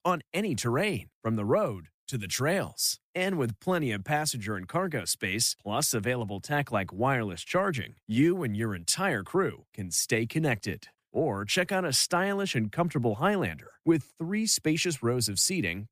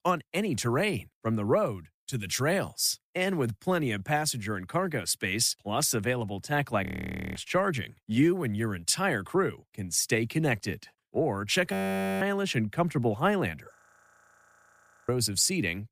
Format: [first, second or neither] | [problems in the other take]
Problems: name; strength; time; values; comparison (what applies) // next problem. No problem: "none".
first | audio freezing; at 7 s for 0.5 s, at 12 s and at 14 s for 1.5 s